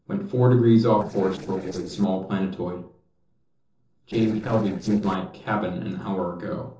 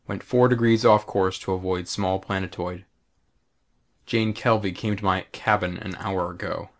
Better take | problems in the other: second | noise reduction (neural separator model SepFormer DNS4)

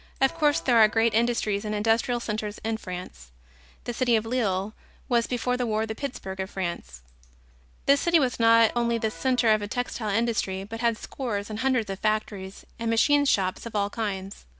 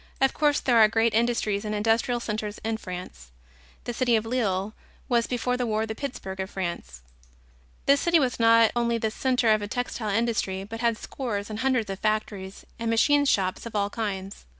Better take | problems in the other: second | background sound (Electric guitar); 18 dB below the speech

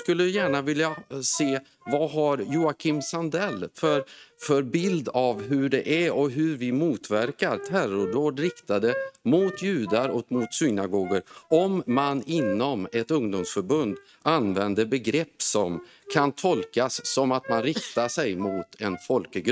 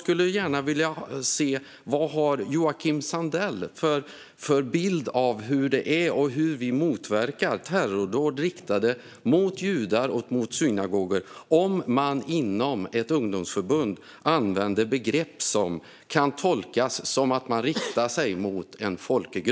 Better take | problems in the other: second | noise reduction (neural mask model RNNoise)

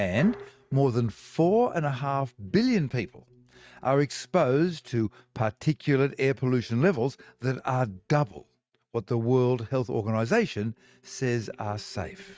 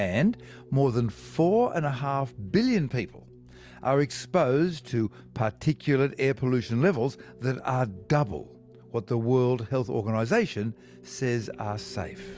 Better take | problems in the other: second | noise reduction (neural mask model RNNoise)

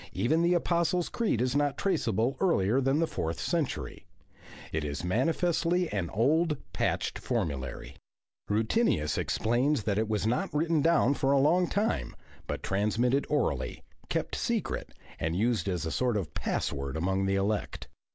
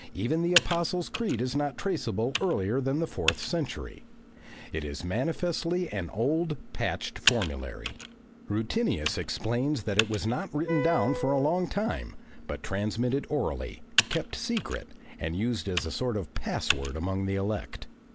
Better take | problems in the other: first | background sound (Wind instrument, woodwind instrument + Computer keyboard); 7 dB below the speech

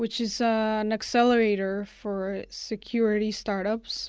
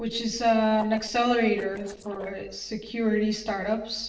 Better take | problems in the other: first | noise reduction (neural separator model SepFormer DNS4)

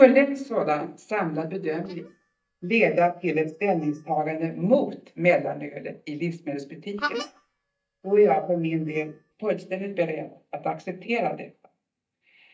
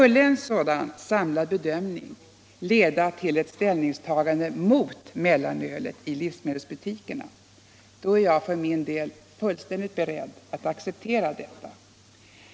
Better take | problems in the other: second | noise reduction (neural mask model DeepFilterNet 3)

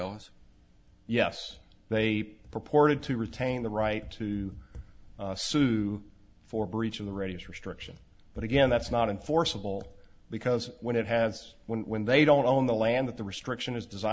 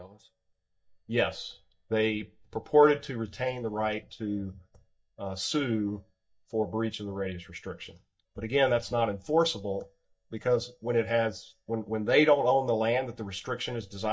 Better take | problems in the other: first | noise reduction (neural mask model DeepFilterNet 3)

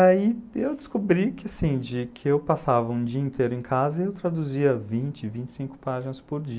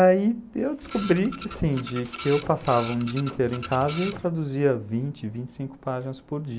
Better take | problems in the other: first | background sound (Printer); 13 dB below the speech

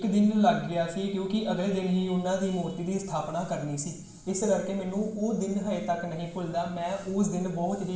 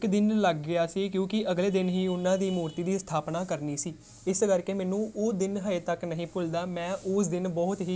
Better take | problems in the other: second | room echo; dies away in 0.7 s

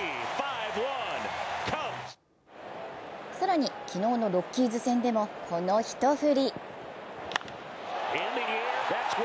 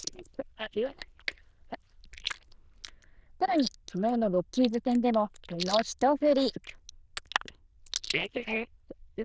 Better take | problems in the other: first | noise reduction (neural diffusion model UNIVERSE++)

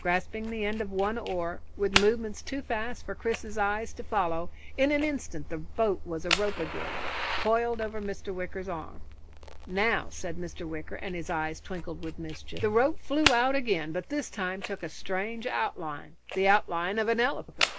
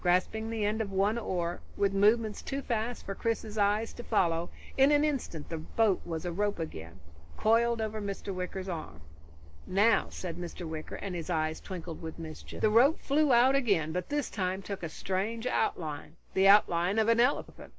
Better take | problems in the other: second | background sound (Fire); 9 dB below the speech

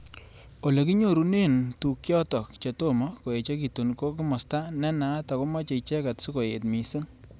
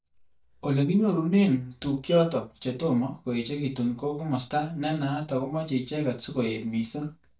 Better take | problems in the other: first | noise reduction (neural mask model DeepFilterNet 3)

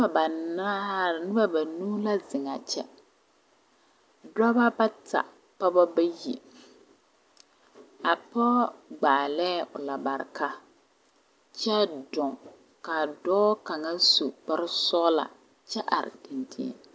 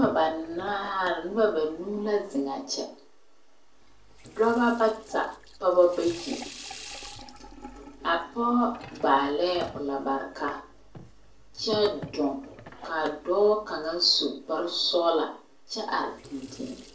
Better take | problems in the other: first | background sound (Sink (filling or washing) / Water tap, faucet); 18 dB below the speech // room echo; dies away in 0.3 s

